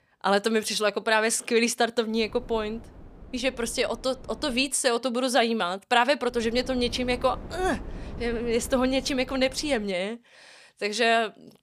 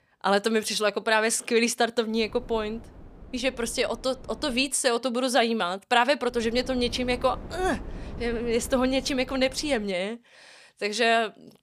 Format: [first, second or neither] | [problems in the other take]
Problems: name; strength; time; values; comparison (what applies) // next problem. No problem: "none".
neither | wind noise on the microphone; occasional gusts; from 2 to 4.5 s and from 6.5 to 10 s; 25 dB below the speech; the same in both